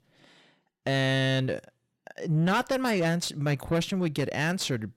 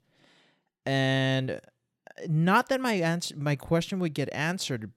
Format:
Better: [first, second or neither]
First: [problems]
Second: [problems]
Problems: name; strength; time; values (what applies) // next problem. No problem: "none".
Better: second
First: distortion; slight; 10 dB below the speech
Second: none